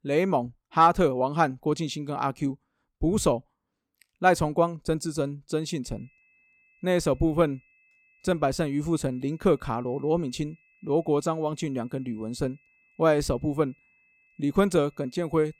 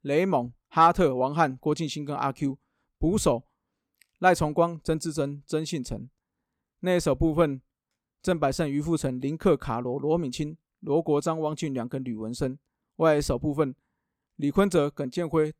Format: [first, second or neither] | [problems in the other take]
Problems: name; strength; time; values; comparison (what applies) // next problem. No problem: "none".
second | high-pitched whine; faint; from 6 s on; 2.5 kHz, 35 dB below the speech